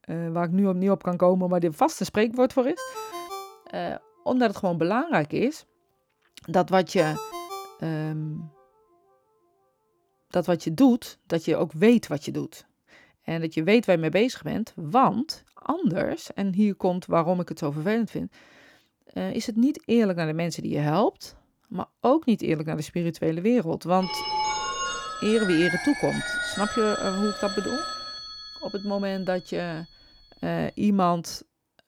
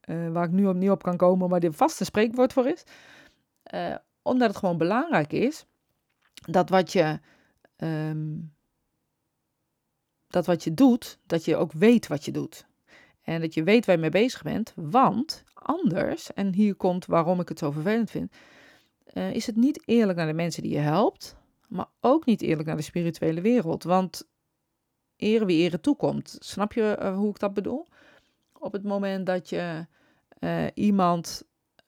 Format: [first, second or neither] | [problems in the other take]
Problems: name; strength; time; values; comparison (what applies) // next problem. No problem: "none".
second | phone ringing; noticeable; from 3 to 8 s and from 24 to 29 s; peak 1 dB below the speech